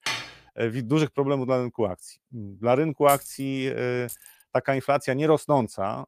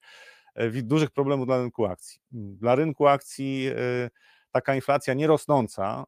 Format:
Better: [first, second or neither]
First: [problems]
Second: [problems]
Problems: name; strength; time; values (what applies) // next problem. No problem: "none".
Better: second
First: clattering dishes; noticeable; at the start; peak 5 dB below the speech // jangling keys; noticeable; at 3 s; peak 8 dB below the speech // jangling keys; faint; at 4 s; peak 15 dB below the speech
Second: none